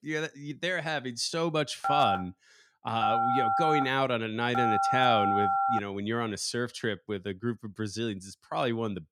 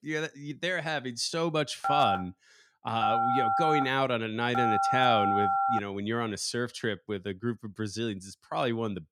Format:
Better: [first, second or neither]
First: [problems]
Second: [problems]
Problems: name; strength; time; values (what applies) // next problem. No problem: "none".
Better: neither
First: phone ringing; loud; from 2 to 6 s; peak 4 dB above the speech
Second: phone ringing; loud; from 2 to 6 s; peak 4 dB above the speech